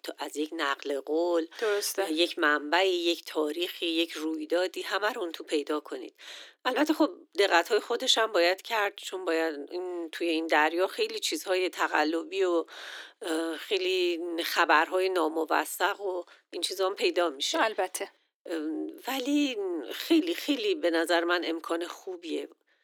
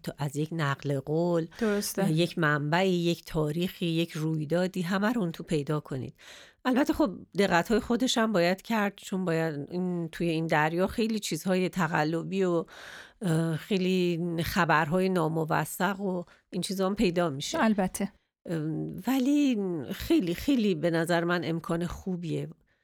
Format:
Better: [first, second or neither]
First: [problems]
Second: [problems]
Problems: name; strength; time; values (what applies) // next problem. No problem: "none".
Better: second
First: thin; somewhat; fading below 300 Hz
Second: none